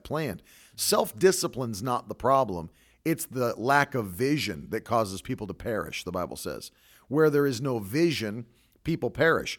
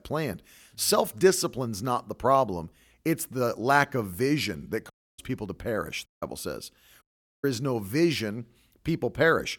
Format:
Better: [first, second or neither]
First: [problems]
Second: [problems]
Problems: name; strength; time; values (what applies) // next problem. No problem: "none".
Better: first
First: none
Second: audio cutting out; at 5 s, at 6 s and at 7 s